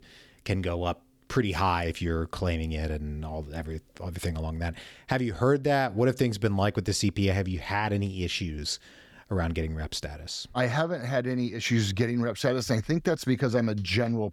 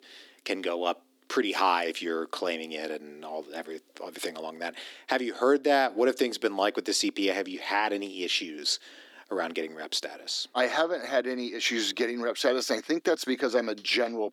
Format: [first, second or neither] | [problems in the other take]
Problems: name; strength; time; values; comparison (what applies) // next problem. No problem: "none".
first | thin; somewhat; fading below 300 Hz